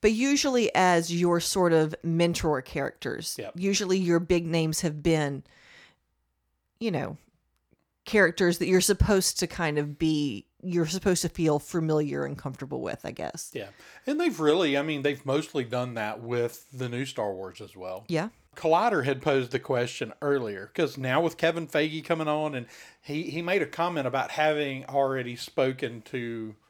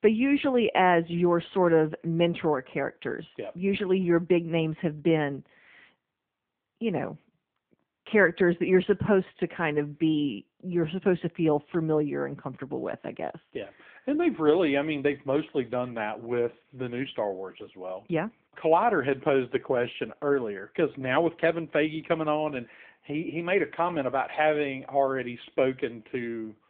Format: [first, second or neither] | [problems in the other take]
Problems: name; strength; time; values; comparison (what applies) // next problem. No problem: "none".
first | phone-call audio